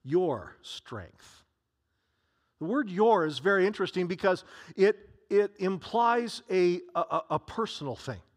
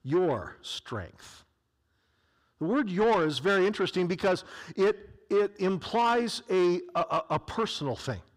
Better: first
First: none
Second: distortion; slight; 10 dB below the speech

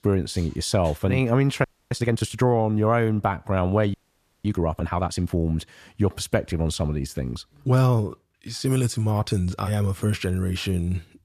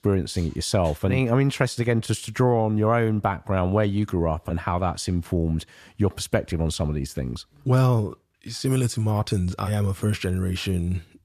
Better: second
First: audio freezing; at 1.5 s and at 4 s for 0.5 s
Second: none

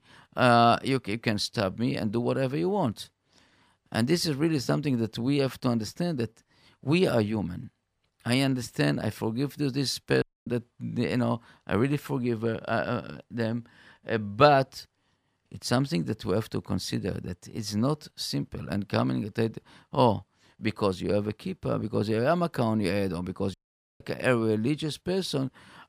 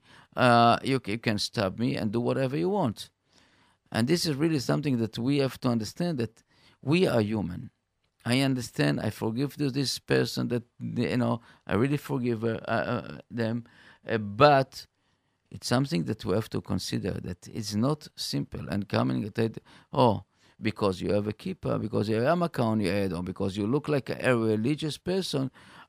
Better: second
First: audio cutting out; at 10 s and at 24 s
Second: none

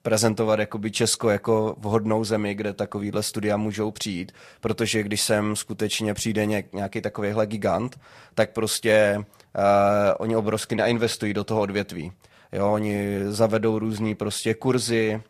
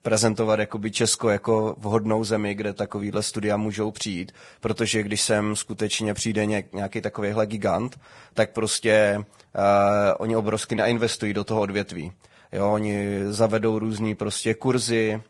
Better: first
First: garbled, watery; slightly; nothing above 14.5 kHz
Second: garbled, watery; badly; nothing above 10.5 kHz

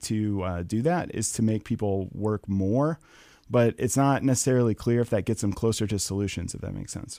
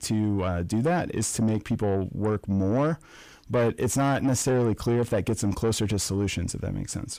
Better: first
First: none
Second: distortion; slight; 10 dB below the speech

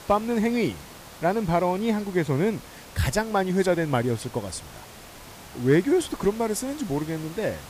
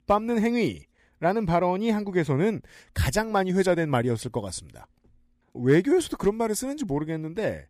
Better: second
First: hiss; noticeable; throughout; 20 dB below the speech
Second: none

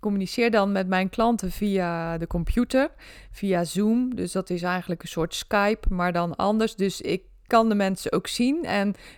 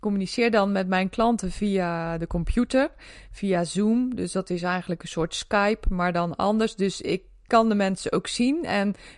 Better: first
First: none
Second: garbled, watery; slightly; nothing above 10 kHz

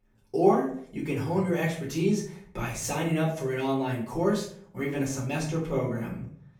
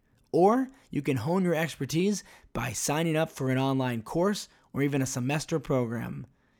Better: second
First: off-mic speech; far // room echo; slight; dies away in 0.5 s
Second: none

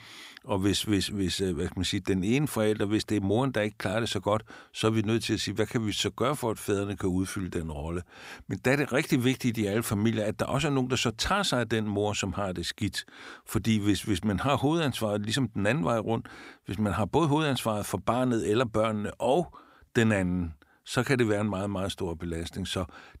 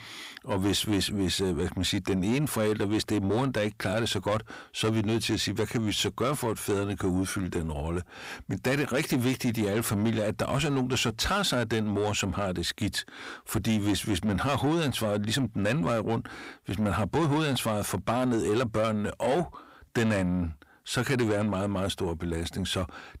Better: first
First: none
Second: distortion; slight; 10 dB below the speech

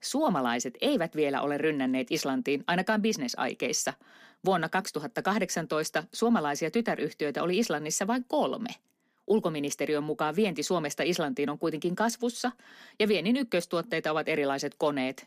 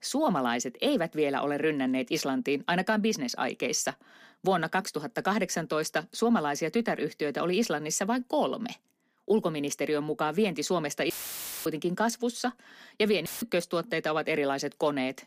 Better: first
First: none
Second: audio cutting out; filled with static; at 11 s for 0.5 s and at 13 s

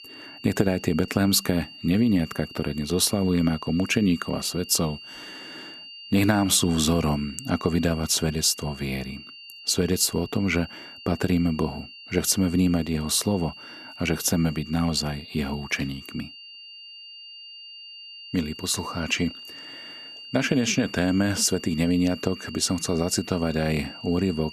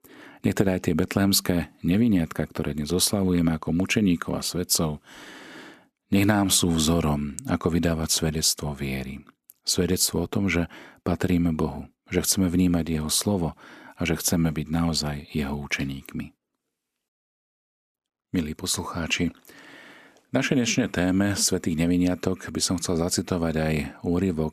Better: second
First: high-pitched whine; noticeable; throughout; 3 kHz, 15 dB below the speech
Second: none

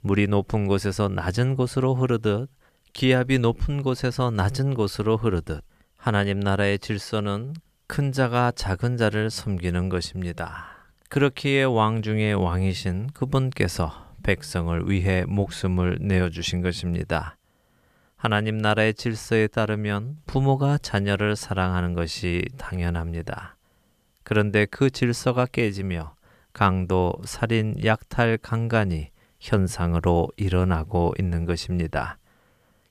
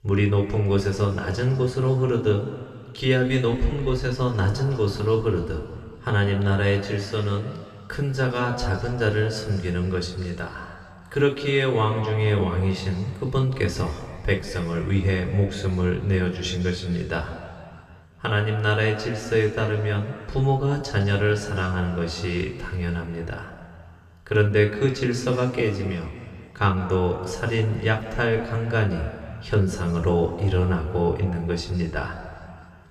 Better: first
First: none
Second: room echo; slight; dies away in 2.2 s // off-mic speech; somewhat distant

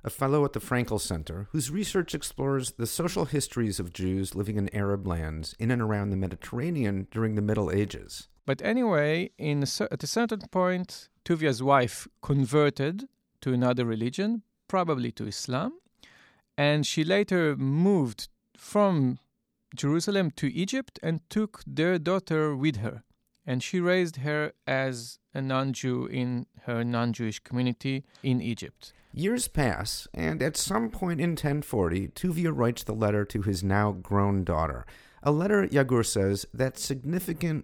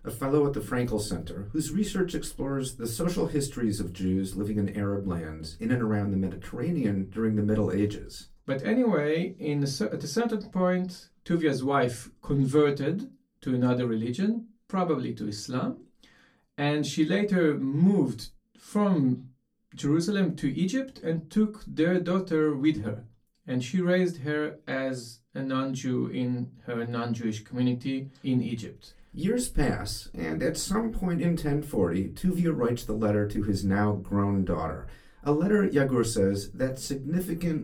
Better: first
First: none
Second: off-mic speech; far // room echo; very slight; dies away in 0.2 s

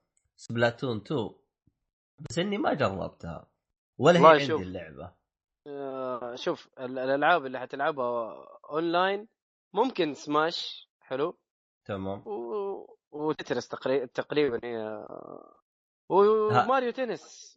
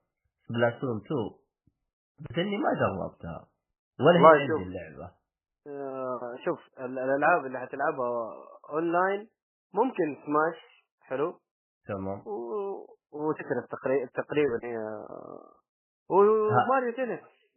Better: first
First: garbled, watery; slightly; nothing above 8 kHz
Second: garbled, watery; badly; nothing above 3 kHz

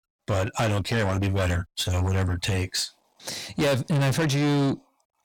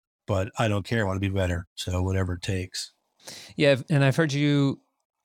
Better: second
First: distortion; heavy; 6 dB below the speech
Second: none

